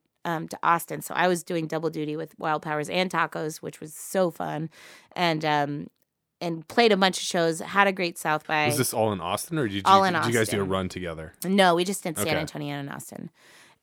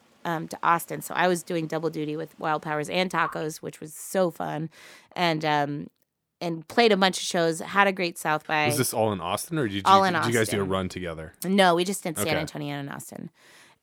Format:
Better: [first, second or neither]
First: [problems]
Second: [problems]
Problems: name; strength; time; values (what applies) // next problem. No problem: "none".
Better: first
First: none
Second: rain or running water; noticeable; until 3.5 s; 15 dB below the speech